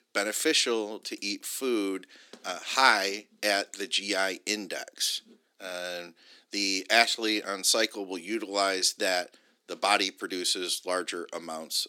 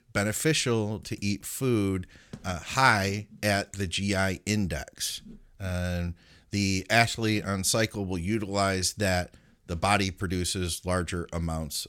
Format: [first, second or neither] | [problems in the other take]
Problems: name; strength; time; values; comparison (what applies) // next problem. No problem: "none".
second | thin; somewhat; fading below 250 Hz